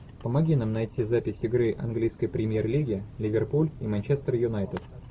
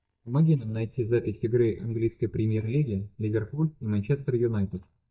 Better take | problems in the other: first | noise reduction (neural mask model DeepFilterNet 3)

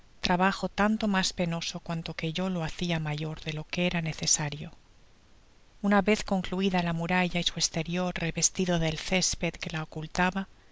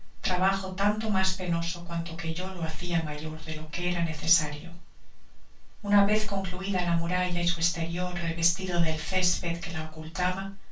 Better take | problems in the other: first | room echo; dies away in 0.2 s

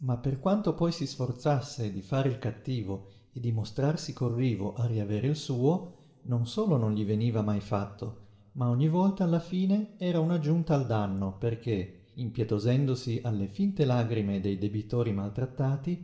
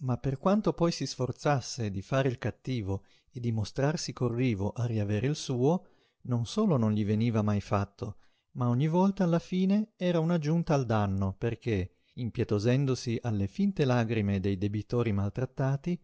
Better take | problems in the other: second | room echo; dies away in 2 s

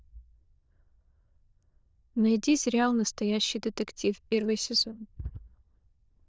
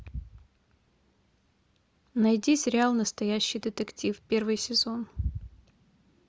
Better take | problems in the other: second | noise reduction (neural diffusion model UNIVERSE++)

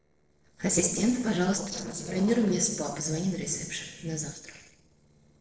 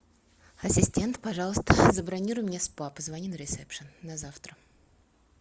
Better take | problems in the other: second | noise reduction (neural separator model SepFormer DNS4)

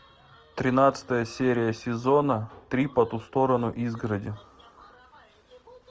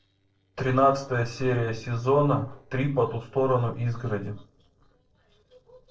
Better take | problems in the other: first | noise reduction (neural separator model SepFormer DNS4)

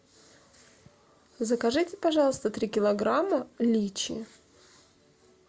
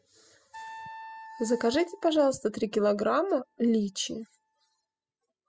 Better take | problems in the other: first | noise reduction (classical method spectral subtraction)

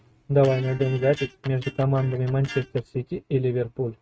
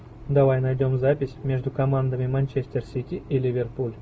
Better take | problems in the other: second | noise reduction (neural mask model RNNoise)

